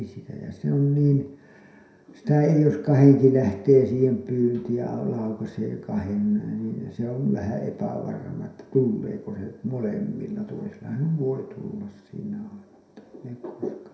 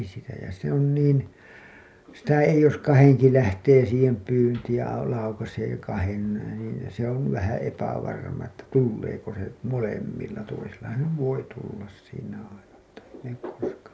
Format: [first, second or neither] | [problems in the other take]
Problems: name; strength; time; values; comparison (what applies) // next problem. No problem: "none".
second | room echo; dies away in 0.6 s